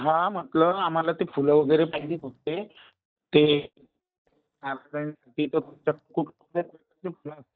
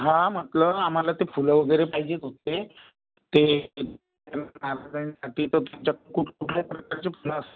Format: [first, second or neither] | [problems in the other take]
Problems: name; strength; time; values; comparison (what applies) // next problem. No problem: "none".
second | noise reduction (neural mask model DeepFilterNet 3)